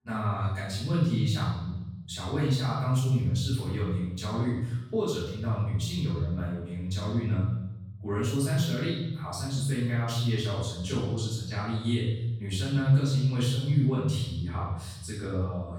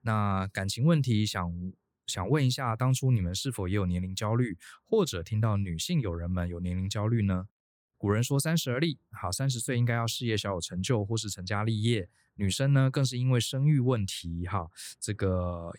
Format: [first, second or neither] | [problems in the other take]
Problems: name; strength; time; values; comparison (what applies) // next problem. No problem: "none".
second | room echo; strong; dies away in 1.1 s // off-mic speech; far